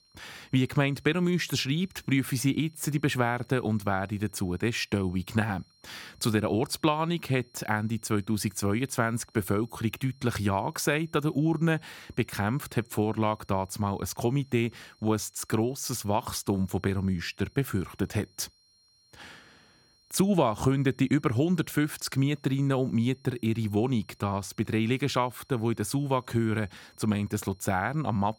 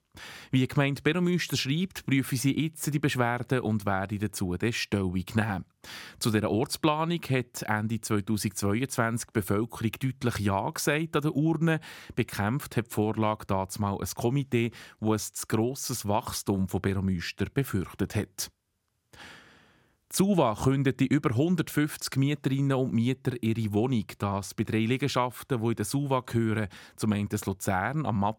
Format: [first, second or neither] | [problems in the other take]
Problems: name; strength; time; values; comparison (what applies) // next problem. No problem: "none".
second | high-pitched whine; faint; throughout; 4 kHz, 35 dB below the speech